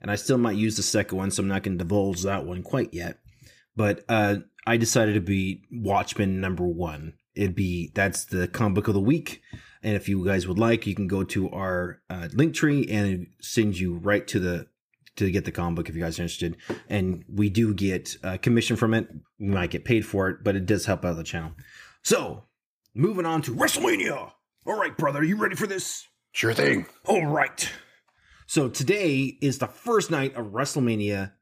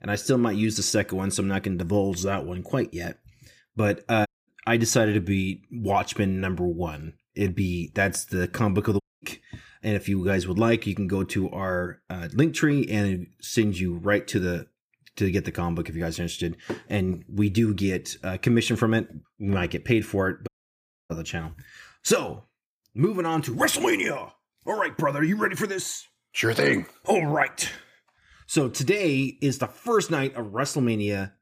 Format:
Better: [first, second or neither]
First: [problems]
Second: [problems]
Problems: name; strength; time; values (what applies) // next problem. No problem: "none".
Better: first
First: none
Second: audio cutting out; at 4.5 s, at 9 s and at 20 s for 0.5 s